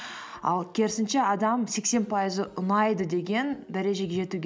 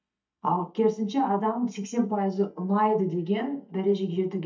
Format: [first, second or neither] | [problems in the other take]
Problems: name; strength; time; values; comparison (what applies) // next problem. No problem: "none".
first | noise reduction (neural mask model DeepFilterNet 3)